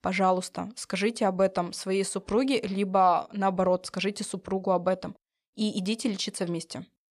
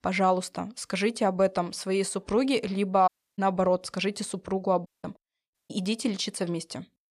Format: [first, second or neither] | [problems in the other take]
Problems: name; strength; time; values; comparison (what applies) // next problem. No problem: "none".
first | audio cutting out; at 3 s, at 5 s and at 5.5 s